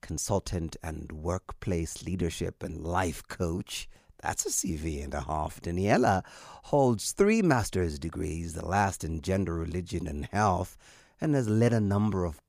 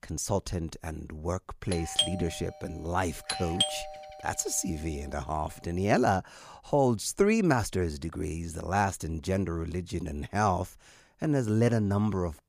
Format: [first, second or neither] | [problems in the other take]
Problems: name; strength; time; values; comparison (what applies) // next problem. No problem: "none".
first | doorbell; loud; from 1.5 to 4 s; peak 2 dB above the speech